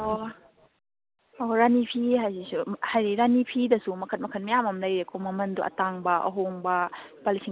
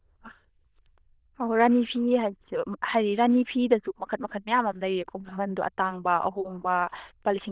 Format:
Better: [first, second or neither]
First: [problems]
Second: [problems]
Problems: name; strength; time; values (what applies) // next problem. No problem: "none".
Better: first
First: none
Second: noise reduction (neural diffusion model UNIVERSE++)